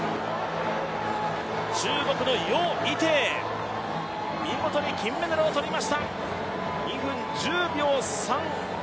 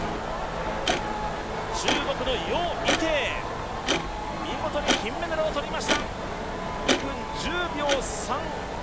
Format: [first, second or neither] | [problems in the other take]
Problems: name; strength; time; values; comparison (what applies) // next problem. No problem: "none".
first | background sound (Clock); 2 dB below the speech